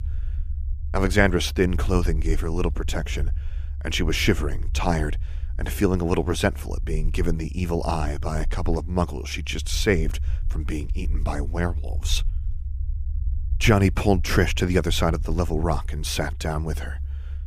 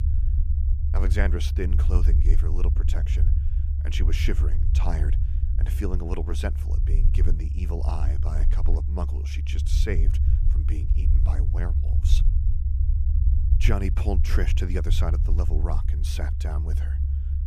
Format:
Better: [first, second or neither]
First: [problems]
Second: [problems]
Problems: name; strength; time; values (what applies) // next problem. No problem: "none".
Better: first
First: low rumble; faint; throughout; 25 dB below the speech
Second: low rumble; loud; throughout; 6 dB below the speech